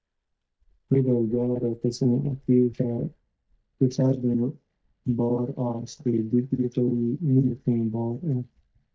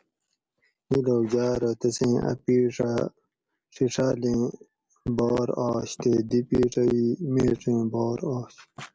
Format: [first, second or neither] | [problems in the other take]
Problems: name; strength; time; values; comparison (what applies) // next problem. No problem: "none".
second | noise reduction (neural mask model DeepFilterNet 3)